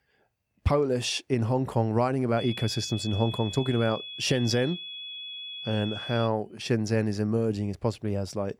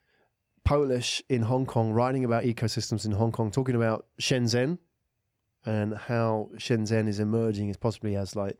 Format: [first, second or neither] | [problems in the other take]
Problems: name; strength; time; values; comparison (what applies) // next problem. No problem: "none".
second | high-pitched whine; loud; from 2.5 to 6.5 s; 3.5 kHz, 9 dB below the speech